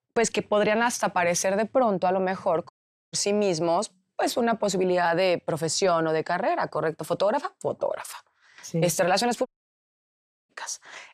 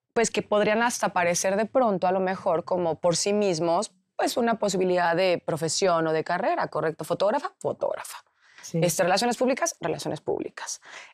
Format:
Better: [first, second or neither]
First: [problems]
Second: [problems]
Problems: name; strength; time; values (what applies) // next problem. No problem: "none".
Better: second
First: audio cutting out; at 2.5 s and at 9.5 s for 1 s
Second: none